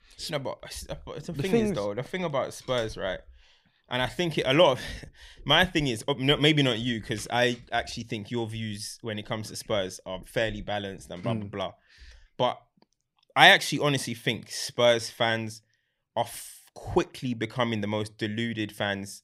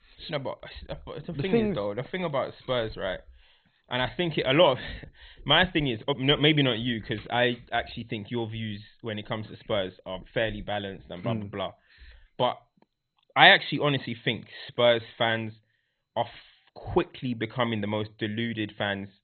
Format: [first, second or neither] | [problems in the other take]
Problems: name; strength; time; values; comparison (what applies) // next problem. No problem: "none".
first | garbled, watery; badly; nothing above 4 kHz